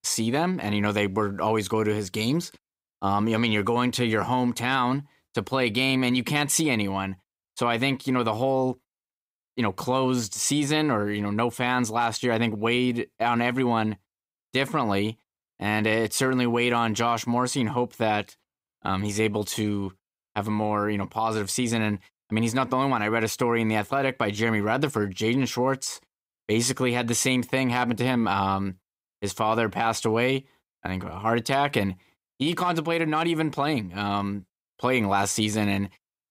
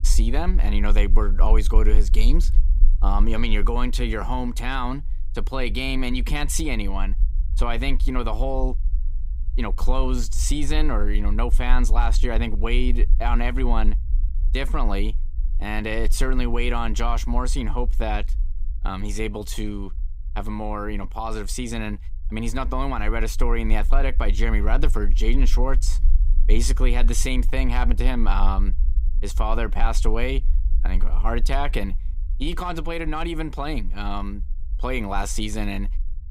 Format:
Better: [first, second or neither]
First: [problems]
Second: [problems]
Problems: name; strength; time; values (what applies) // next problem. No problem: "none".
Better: first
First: none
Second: low rumble; faint; throughout; 20 dB below the speech